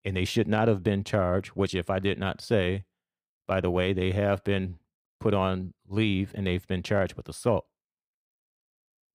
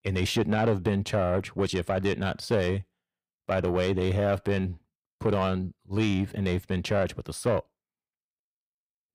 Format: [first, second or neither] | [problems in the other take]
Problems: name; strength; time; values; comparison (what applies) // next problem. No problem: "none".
first | distortion; slight; 10 dB below the speech